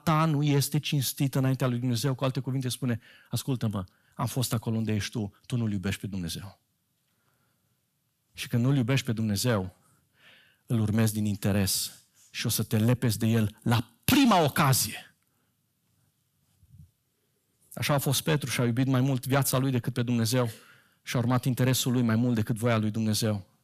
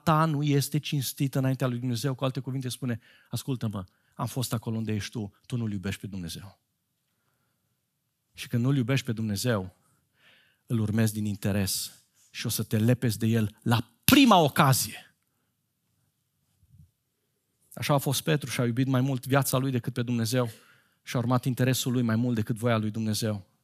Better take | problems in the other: second | distortion; slight; 10 dB below the speech

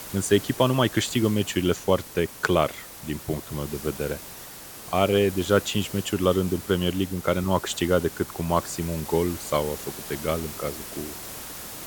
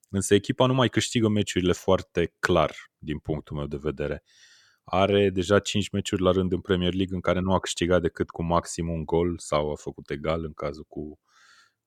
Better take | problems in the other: second | hiss; noticeable; throughout; 10 dB below the speech

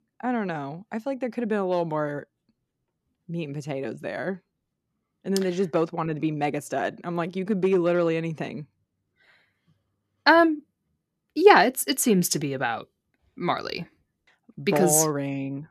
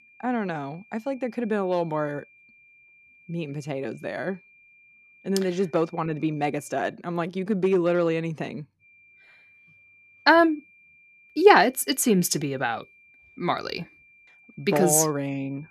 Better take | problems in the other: first | high-pitched whine; faint; until 7 s and from 9 s on; 2.5 kHz, 30 dB below the speech

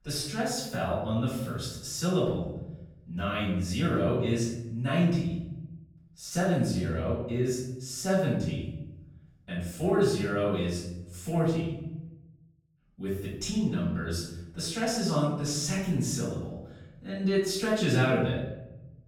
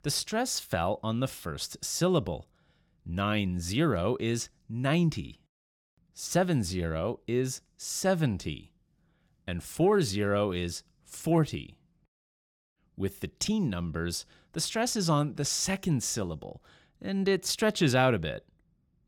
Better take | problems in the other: second | off-mic speech; far // room echo; noticeable; dies away in 0.9 s

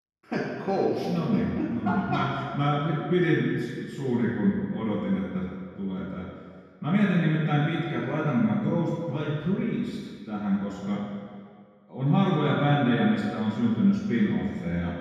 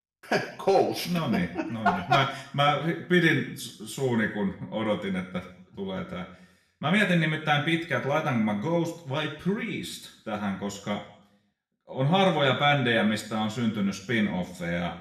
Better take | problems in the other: second | room echo; strong; dies away in 2 s; slight in the second // off-mic speech; far; somewhat distant in the second

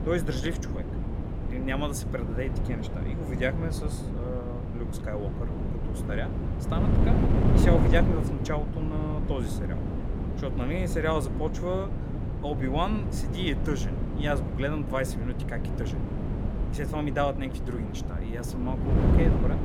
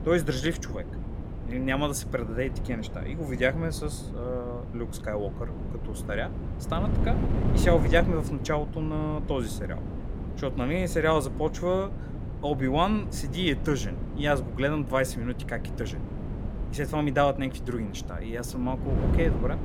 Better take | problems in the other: second | wind noise on the microphone; heavy; 4 dB below the speech; occasional gusts in the second

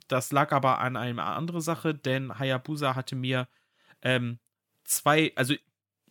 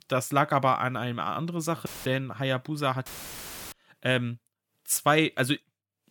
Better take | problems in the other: first | audio cutting out; filled with static; at 2 s and at 3 s for 0.5 s

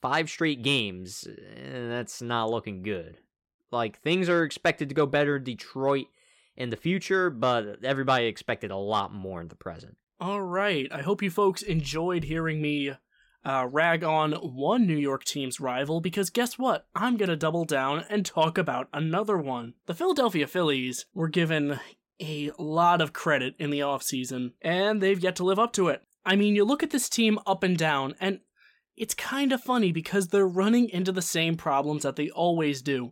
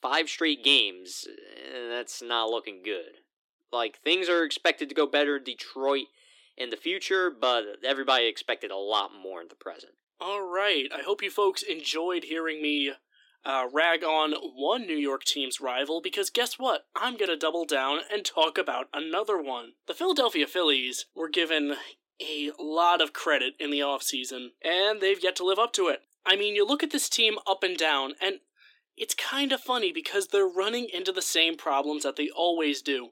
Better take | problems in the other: first | thin; somewhat; fading below 300 Hz

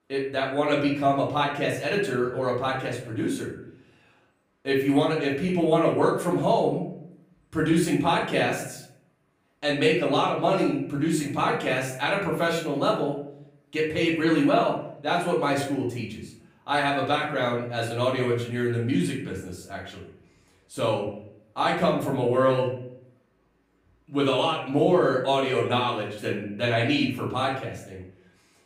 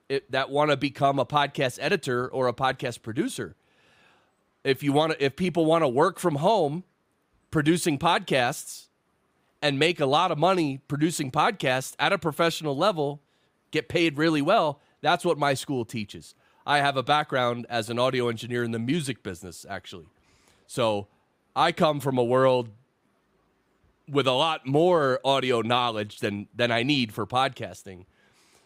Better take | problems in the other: second | off-mic speech; far // room echo; noticeable; dies away in 0.6 s

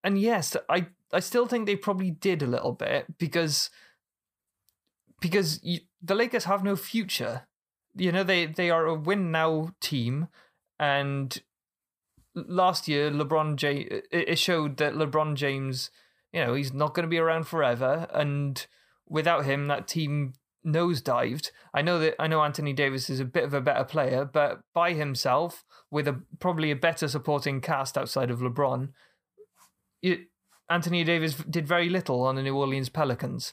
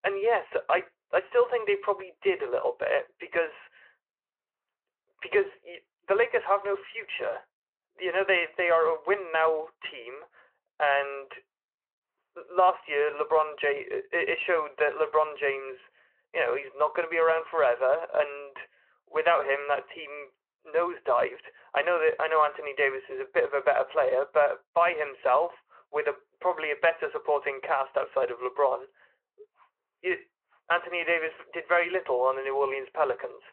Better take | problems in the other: first | phone-call audio

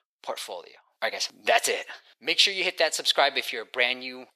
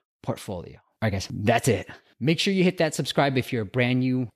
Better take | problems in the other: second | thin; very; fading below 600 Hz

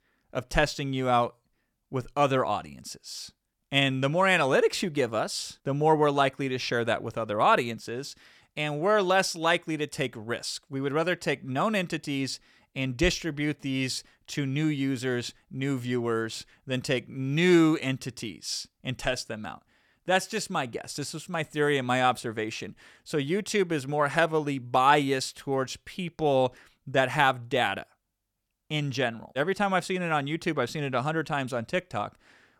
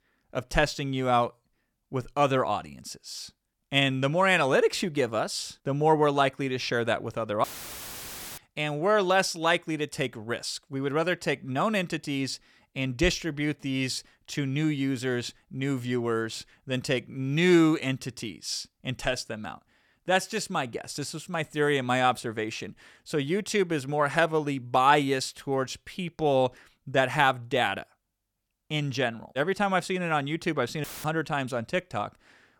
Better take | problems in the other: first | audio cutting out; filled with static; at 7.5 s for 1 s and at 31 s

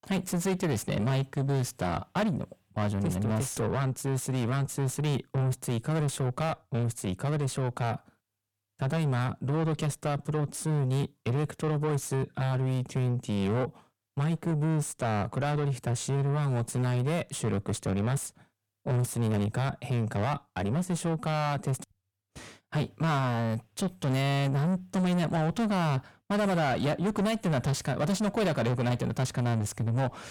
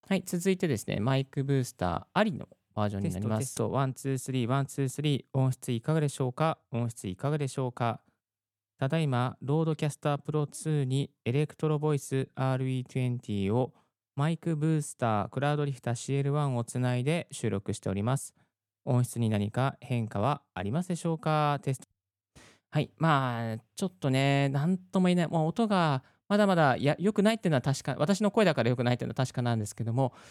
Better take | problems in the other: second | distortion; heavy; 6 dB below the speech

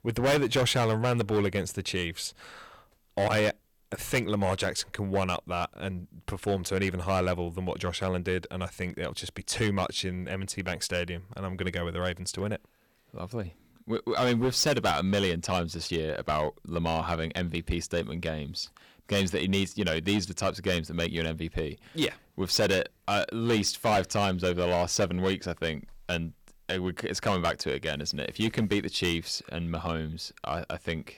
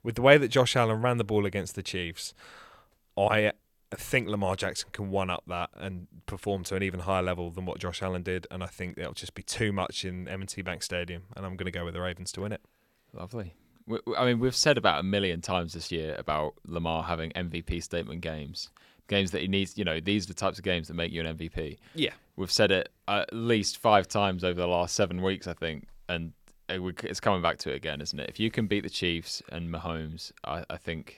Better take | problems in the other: second | distortion; heavy; 5% of the sound clipped

